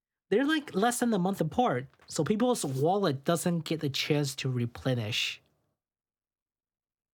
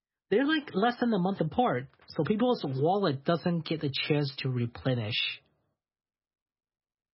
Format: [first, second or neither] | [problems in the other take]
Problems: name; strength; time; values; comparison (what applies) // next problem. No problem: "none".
first | garbled, watery; badly; nothing above 5.5 kHz